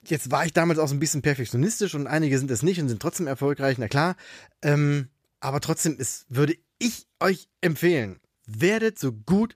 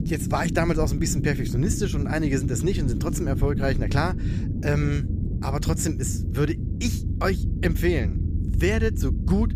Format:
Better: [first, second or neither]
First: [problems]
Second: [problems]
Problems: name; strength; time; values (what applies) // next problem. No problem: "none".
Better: first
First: none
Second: low rumble; loud; throughout; 9 dB below the speech